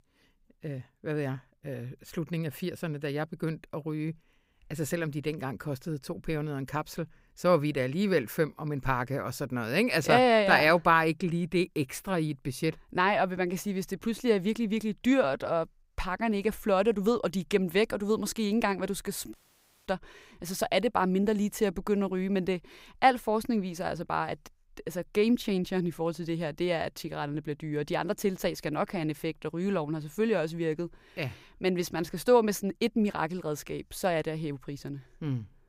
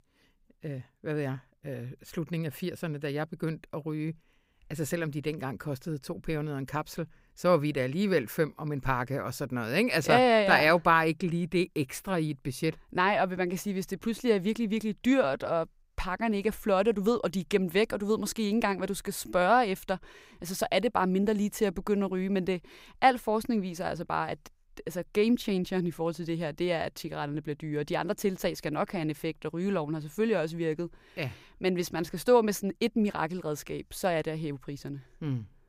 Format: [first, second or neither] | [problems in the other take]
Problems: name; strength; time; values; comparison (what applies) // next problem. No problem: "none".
second | audio cutting out; at 19 s for 0.5 s